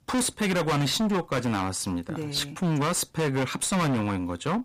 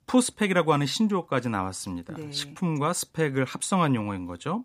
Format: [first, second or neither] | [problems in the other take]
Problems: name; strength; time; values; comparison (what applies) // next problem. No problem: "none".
second | distortion; heavy; 27% of the sound clipped